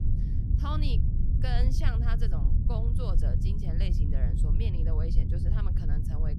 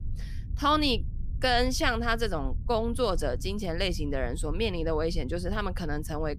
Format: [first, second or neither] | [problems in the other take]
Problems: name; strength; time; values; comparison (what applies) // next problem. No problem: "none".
second | low rumble; loud; throughout; 2 dB below the speech; faint in the second